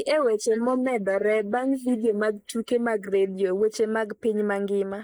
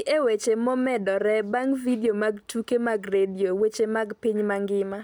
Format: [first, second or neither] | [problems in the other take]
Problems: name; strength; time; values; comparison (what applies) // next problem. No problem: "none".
second | noise reduction (neural mask model Resemble Enhance denoiser)